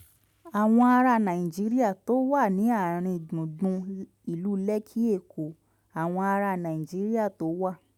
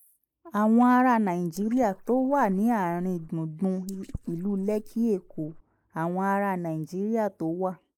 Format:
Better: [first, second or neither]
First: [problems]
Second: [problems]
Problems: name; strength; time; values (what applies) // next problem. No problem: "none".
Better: first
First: none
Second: noise reduction (neural mask model Resemble Enhance denoiser)